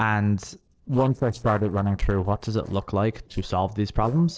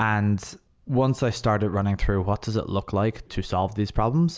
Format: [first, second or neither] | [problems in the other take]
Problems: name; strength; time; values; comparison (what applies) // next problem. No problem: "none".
second | noise reduction (neural separator model SepFormer DNS4)